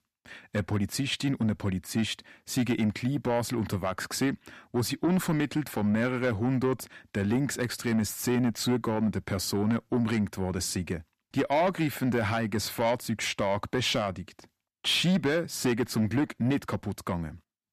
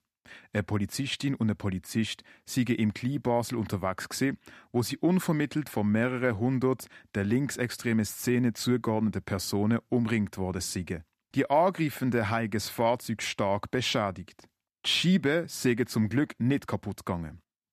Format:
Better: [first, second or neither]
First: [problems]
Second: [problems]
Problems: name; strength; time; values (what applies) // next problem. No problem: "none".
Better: second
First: distortion; slight; 10 dB below the speech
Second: none